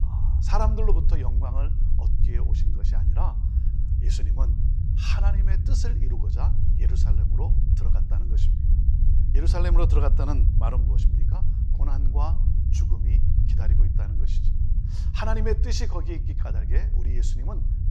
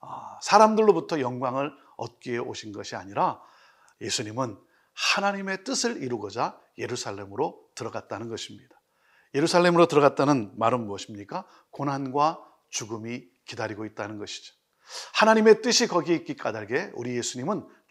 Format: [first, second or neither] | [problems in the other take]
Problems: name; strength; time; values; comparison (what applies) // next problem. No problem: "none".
second | low rumble; loud; throughout; 6 dB below the speech